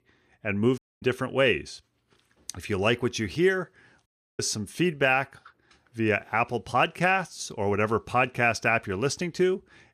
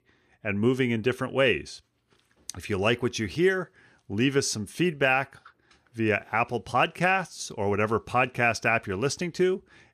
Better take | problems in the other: second | audio cutting out; at 1 s and at 4 s

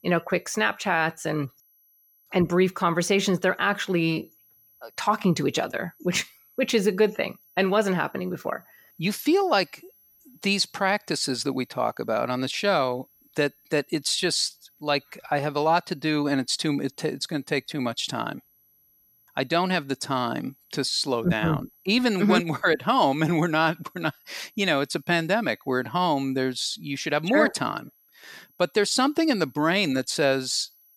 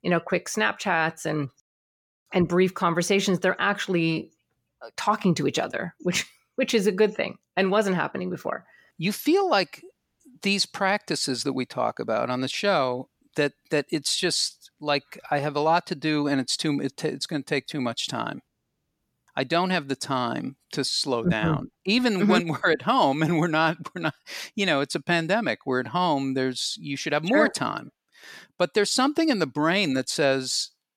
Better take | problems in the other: second | high-pitched whine; faint; throughout; 12 kHz, 30 dB below the speech

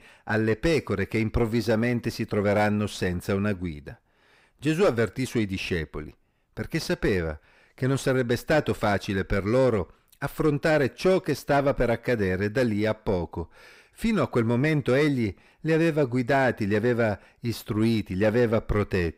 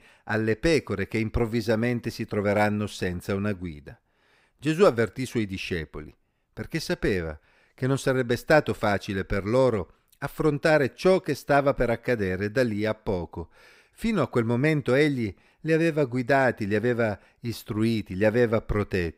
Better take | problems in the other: second | distortion; slight; 10 dB below the speech

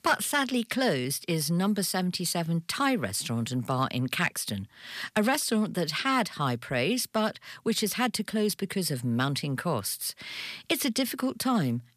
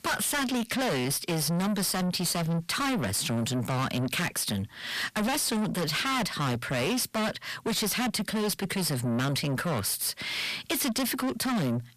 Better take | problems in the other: first | distortion; heavy; 6 dB below the speech

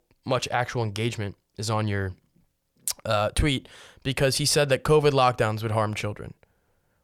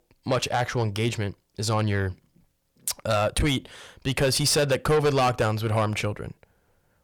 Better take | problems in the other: first | distortion; slight; 10 dB below the speech

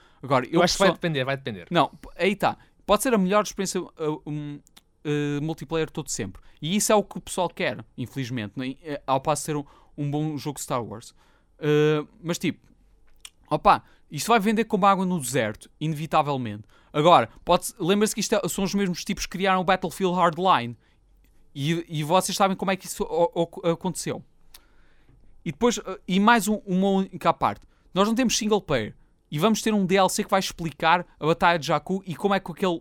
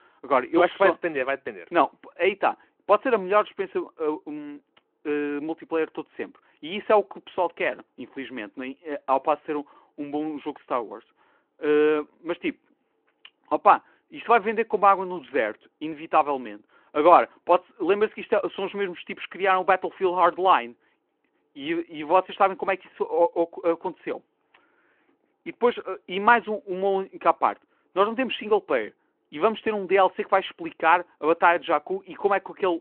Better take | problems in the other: first | phone-call audio

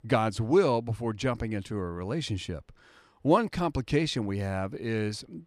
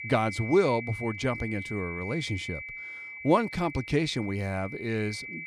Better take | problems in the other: first | high-pitched whine; loud; throughout; 2.5 kHz, 9 dB below the speech

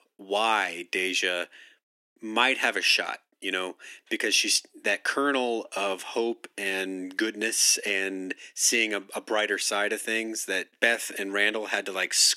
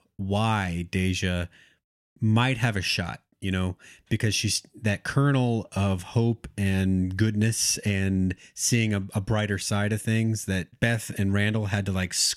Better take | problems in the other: second | thin; very; fading below 300 Hz

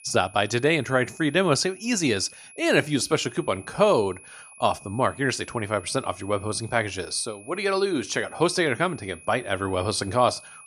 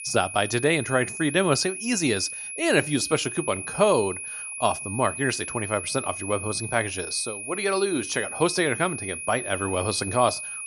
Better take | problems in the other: first | high-pitched whine; loud; throughout; 2.5 kHz, 7 dB below the speech; faint in the first

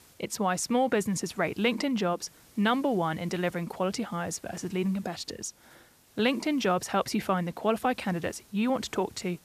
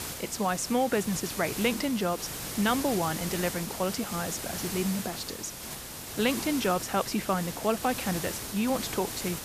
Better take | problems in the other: first | hiss; loud; throughout; 6 dB below the speech; faint in the first

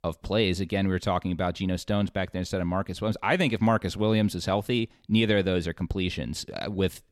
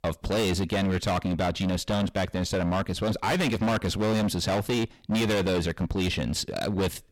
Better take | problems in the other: first | distortion; heavy; 25% of the sound clipped

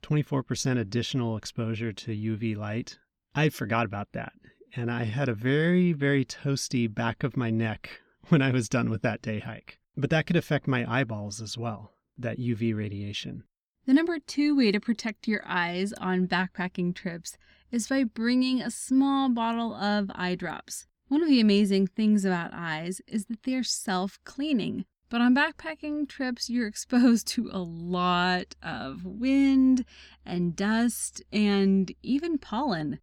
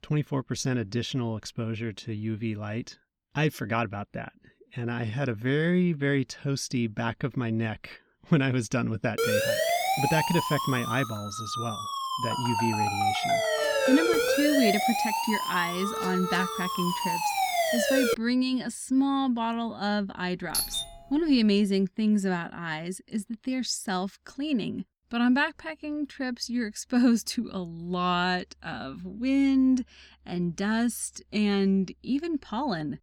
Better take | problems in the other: first | siren; loud; from 9 to 18 s; peak 4 dB above the speech // doorbell; loud; at 21 s; peak 1 dB above the speech

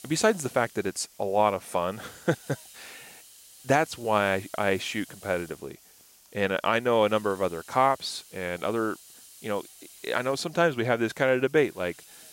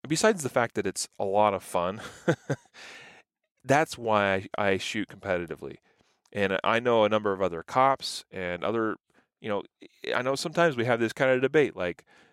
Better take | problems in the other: second | hiss; faint; throughout; 20 dB below the speech

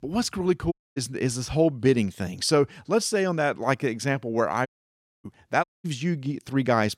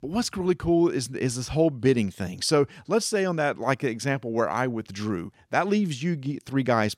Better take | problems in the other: second | audio cutting out; at 0.5 s, at 4.5 s for 0.5 s and at 5.5 s

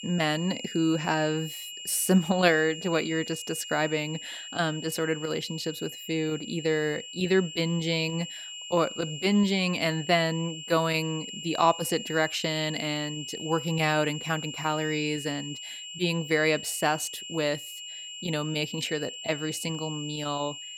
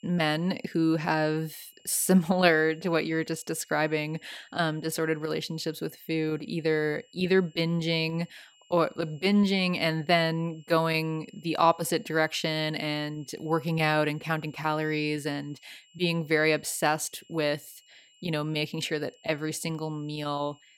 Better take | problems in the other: second | high-pitched whine; loud; throughout; 3 kHz, 9 dB below the speech; faint in the second

